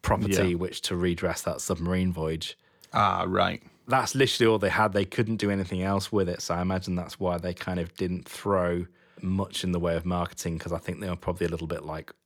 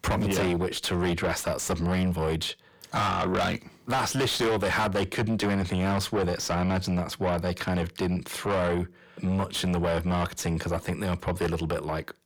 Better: first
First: none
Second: distortion; heavy; 5 dB below the speech

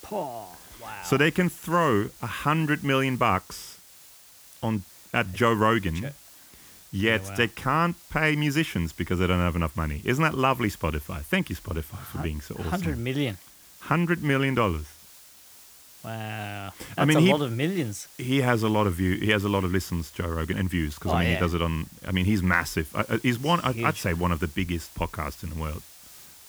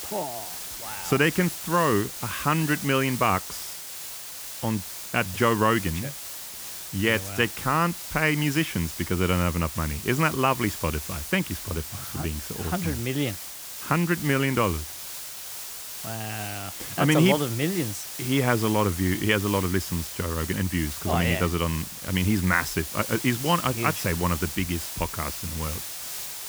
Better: first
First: hiss; faint; throughout; 20 dB below the speech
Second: hiss; loud; throughout; 8 dB below the speech

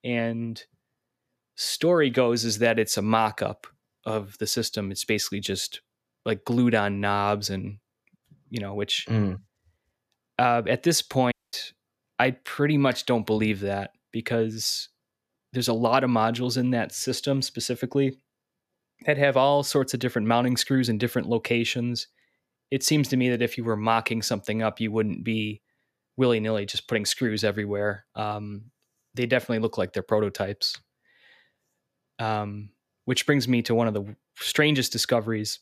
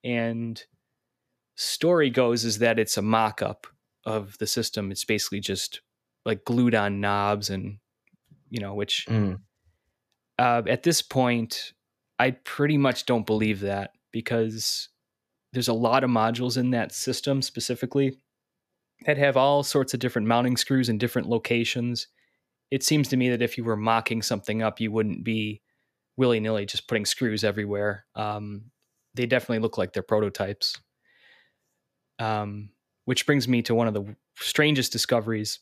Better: second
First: audio cutting out; at 11 s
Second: none

